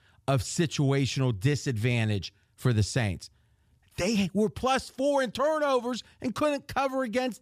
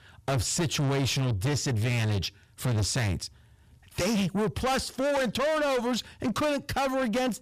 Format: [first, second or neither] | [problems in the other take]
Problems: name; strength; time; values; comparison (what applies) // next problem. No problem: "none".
first | distortion; heavy; 6 dB below the speech